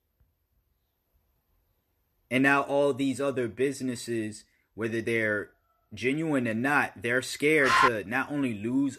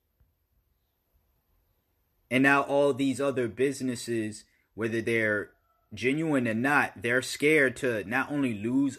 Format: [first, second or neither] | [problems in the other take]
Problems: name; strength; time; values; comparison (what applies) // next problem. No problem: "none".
second | dog barking; loud; at 7.5 s; peak 5 dB above the speech